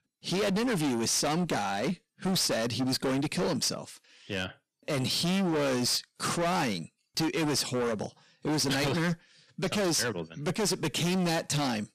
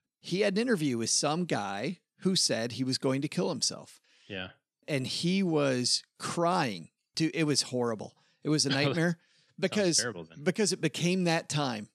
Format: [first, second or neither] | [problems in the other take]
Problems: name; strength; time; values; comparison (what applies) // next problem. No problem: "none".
second | distortion; heavy; 27% of the sound clipped